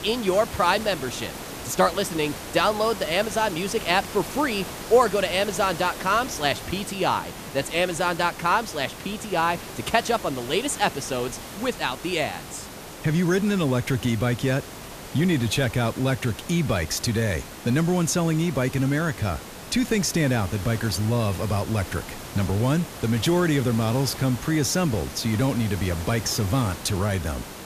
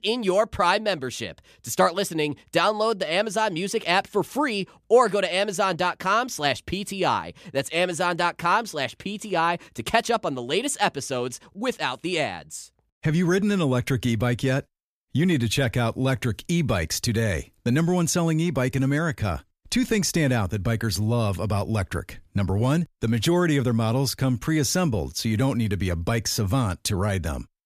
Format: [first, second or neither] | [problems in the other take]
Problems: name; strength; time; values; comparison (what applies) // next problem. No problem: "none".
second | hiss; noticeable; throughout; 10 dB below the speech